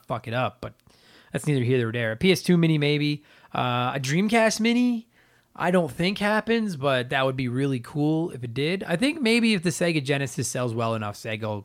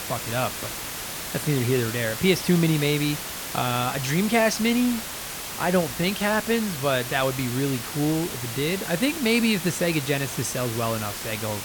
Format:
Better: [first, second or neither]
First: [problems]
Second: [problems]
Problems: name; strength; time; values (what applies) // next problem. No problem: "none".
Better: first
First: none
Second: hiss; loud; throughout; 6 dB below the speech